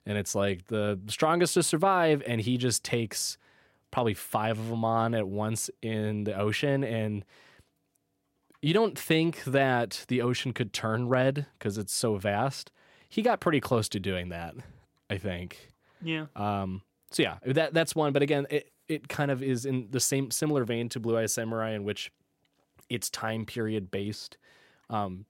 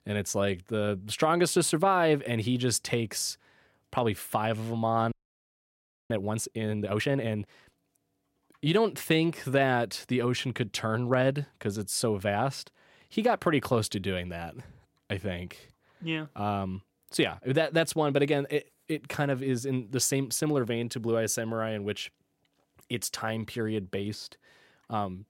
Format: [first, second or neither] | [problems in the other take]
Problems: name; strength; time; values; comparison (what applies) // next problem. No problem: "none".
first | audio freezing; at 5 s for 1 s